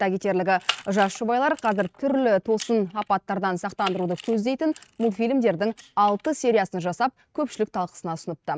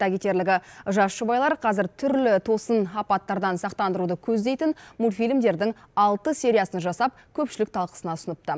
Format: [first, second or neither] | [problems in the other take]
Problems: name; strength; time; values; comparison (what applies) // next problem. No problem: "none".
second | noise reduction (neural mask model RNNoise)